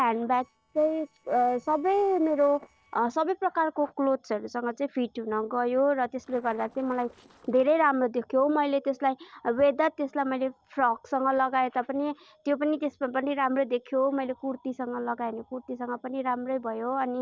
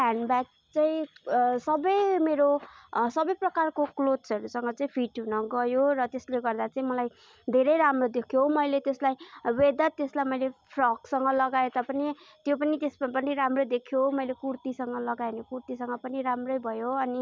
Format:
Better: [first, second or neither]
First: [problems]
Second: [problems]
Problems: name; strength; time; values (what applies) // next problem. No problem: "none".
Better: second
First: noise reduction (neural separator model SepFormer DNS4)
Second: none